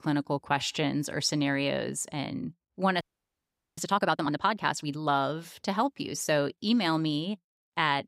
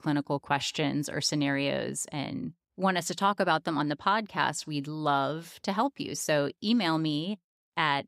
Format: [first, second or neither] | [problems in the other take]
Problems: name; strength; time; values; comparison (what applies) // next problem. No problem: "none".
second | audio freezing; at 3 s for 1 s